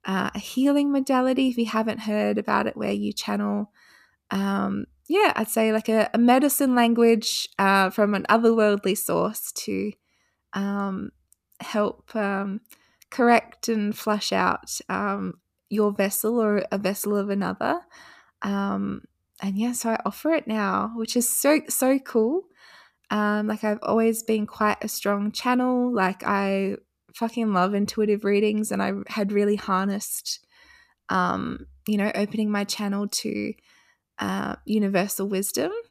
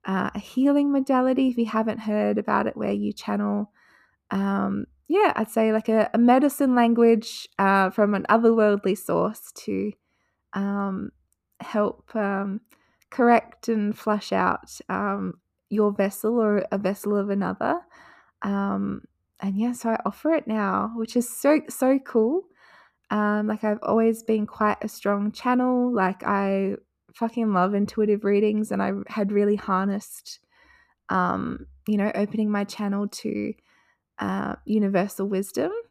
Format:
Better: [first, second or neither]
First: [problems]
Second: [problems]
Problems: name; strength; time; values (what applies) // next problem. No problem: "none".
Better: first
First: none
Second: muffled; slightly; fading above 2.5 kHz